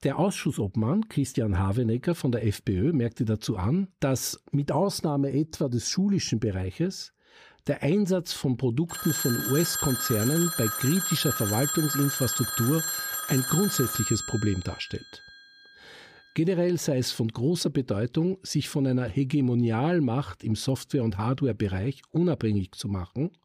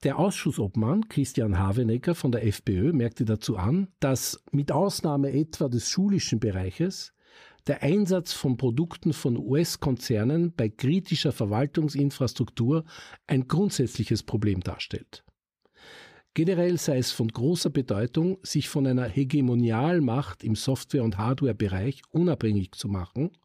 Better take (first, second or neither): second